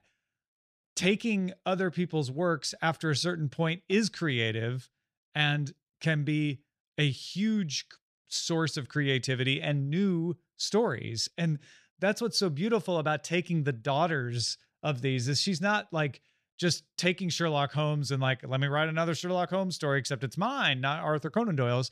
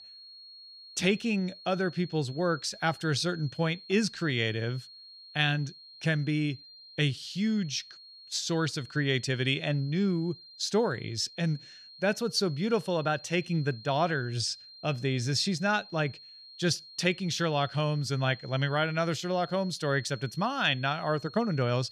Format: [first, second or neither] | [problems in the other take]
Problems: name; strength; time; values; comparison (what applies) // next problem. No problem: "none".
first | high-pitched whine; noticeable; throughout; 4.5 kHz, 20 dB below the speech